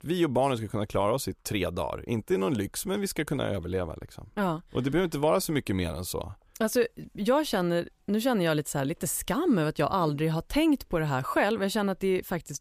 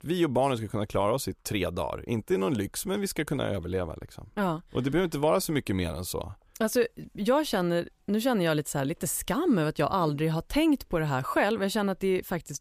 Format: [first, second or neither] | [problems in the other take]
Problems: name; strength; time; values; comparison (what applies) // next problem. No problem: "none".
neither | none